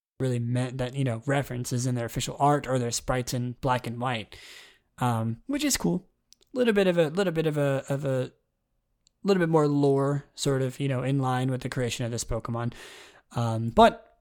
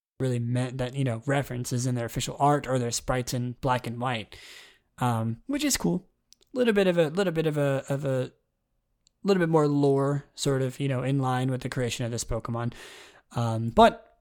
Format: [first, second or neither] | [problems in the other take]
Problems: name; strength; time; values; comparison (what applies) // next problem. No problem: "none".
neither | none